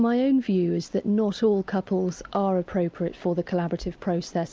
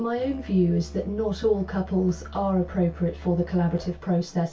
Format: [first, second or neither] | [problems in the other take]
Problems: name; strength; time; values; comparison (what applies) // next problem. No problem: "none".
first | background sound (Musical instrument); 16 dB below the speech // room echo; dies away in 0.2 s